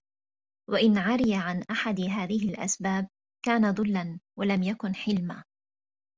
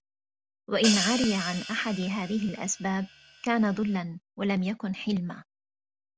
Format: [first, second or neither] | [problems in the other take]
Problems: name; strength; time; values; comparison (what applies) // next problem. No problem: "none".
first | background sound (Hi-hat); 6 dB below the speech